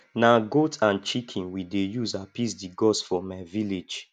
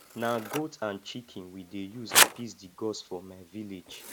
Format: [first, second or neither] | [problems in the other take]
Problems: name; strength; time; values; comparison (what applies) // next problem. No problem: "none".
first | background sound (Scissors); 5 dB above the speech